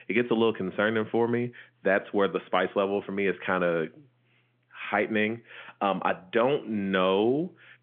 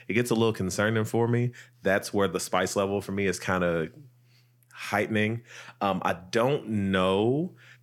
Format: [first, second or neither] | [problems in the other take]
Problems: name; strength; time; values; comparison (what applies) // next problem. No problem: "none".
second | phone-call audio; nothing above 3.5 kHz